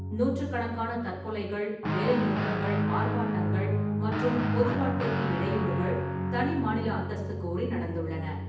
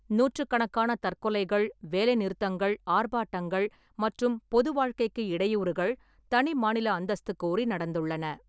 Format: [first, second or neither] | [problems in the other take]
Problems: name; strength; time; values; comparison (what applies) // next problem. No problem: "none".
second | background sound (Guitar); 1 dB above the speech // room echo; dies away in 0.8 s